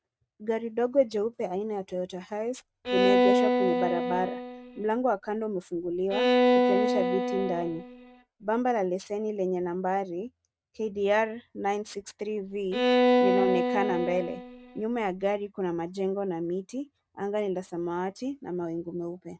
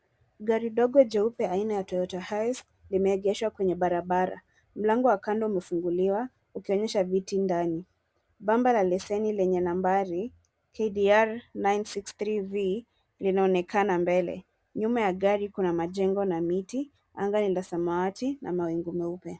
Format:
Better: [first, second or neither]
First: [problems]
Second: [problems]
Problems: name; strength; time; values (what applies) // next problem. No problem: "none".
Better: second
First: noise reduction (neural mask model RNNoise)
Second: none